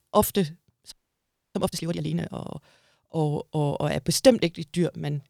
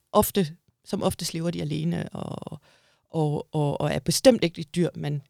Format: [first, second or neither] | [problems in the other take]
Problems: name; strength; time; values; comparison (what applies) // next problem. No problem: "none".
second | audio freezing; at 1 s for 0.5 s